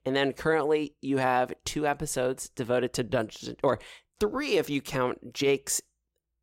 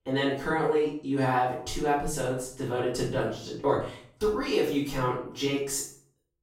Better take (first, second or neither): first